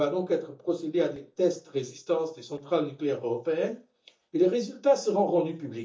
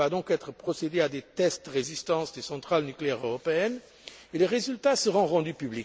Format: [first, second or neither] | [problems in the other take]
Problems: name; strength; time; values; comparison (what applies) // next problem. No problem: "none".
second | noise reduction (neural mask model DeepFilterNet 3)